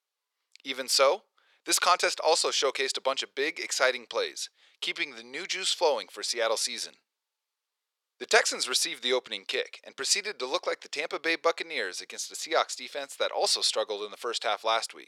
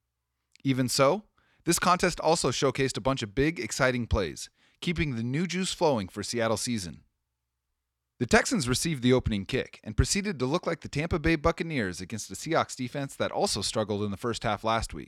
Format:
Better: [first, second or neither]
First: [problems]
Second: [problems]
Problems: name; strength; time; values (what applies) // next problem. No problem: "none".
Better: second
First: thin; very; fading below 450 Hz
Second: none